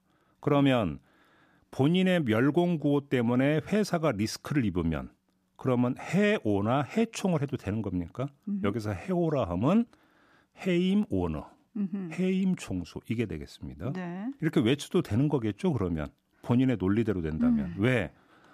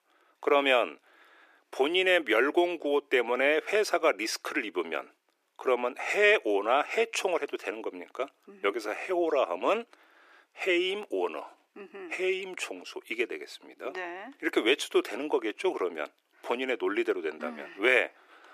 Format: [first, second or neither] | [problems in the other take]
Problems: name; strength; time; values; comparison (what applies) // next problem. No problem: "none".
first | thin; very; fading below 350 Hz